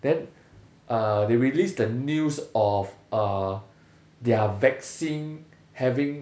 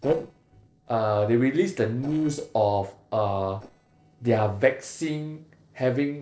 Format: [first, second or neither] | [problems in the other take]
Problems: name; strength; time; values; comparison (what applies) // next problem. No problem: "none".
first | noise reduction (neural separator model SepFormer DNS4)